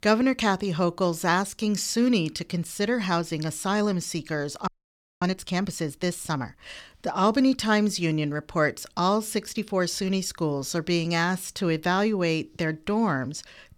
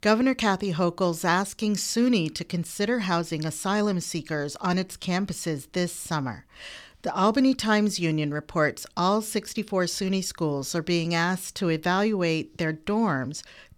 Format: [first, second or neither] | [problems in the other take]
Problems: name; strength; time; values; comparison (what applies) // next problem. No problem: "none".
second | audio freezing; at 4.5 s for 0.5 s